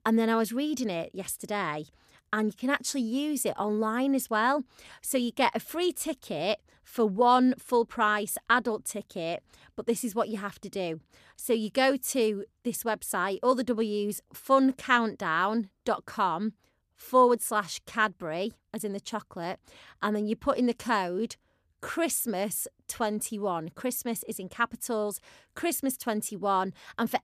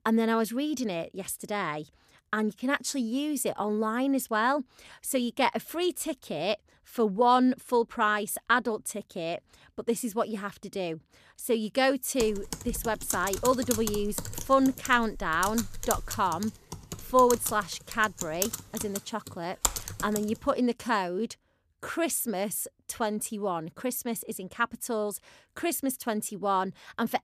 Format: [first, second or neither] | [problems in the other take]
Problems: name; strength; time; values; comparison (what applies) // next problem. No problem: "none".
first | keyboard typing; loud; from 12 to 20 s; peak level with the speech